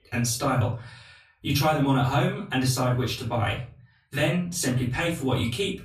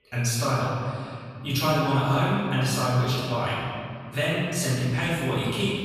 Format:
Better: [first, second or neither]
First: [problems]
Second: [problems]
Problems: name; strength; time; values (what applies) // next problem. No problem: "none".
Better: first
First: room echo; slight; dies away in 0.3 s // off-mic speech; far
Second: room echo; strong; dies away in 2.1 s // off-mic speech; far